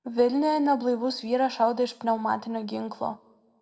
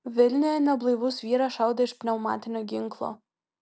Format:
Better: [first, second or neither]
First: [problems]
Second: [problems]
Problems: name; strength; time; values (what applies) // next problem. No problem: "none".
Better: second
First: room echo; dies away in 0.3 s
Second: none